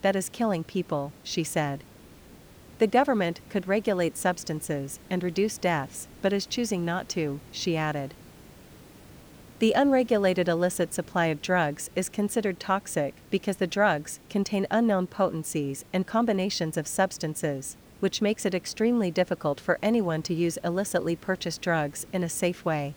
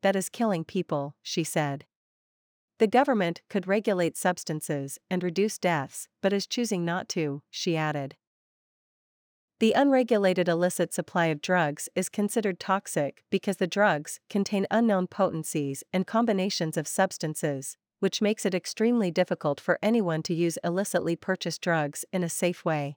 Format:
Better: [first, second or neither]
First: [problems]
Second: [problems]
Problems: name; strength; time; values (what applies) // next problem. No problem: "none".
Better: second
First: hiss; faint; throughout; 25 dB below the speech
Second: none